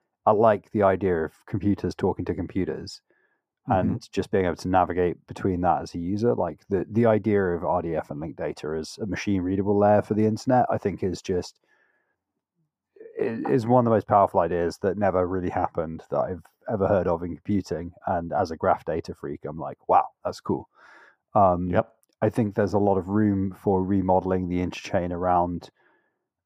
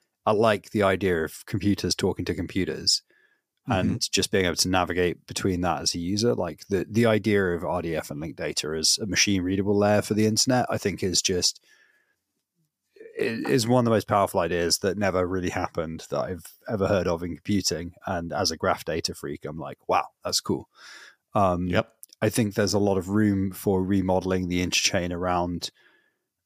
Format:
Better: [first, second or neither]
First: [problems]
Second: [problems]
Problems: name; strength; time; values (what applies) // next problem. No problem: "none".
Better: second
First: muffled; very; fading above 2.5 kHz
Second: none